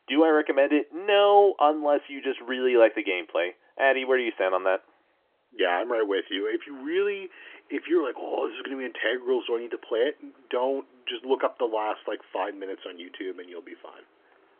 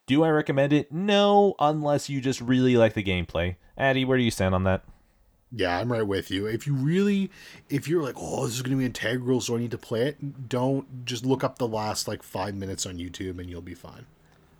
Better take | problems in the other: second | phone-call audio; nothing above 3.5 kHz

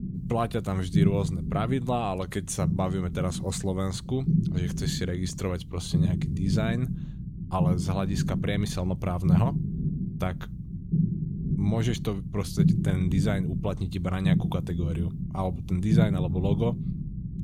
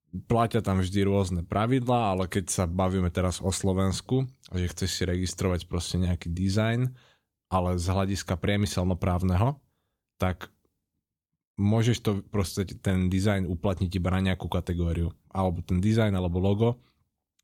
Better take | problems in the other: second | low rumble; loud; throughout; 5 dB below the speech

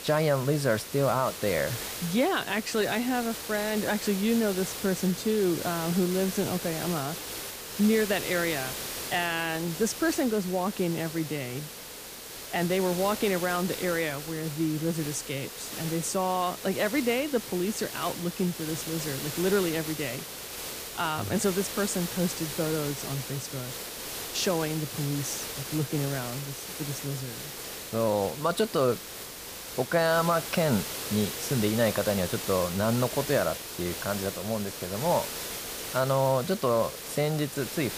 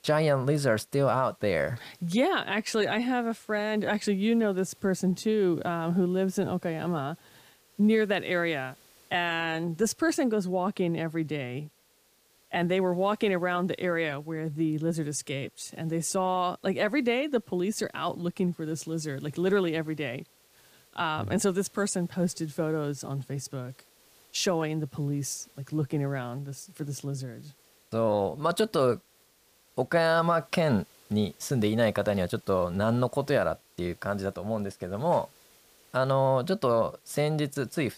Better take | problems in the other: second | hiss; loud; throughout; 7 dB below the speech; faint in the second

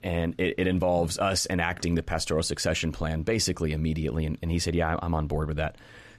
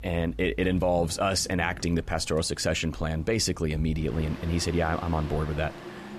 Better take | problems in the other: first | machinery noise; noticeable; throughout; 15 dB below the speech

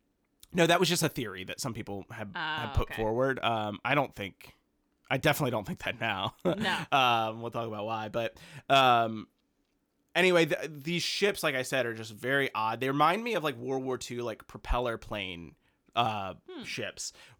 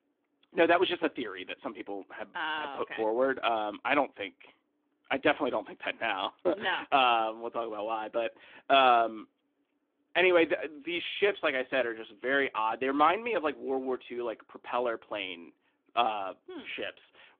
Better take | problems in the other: first | phone-call audio; nothing above 3.5 kHz

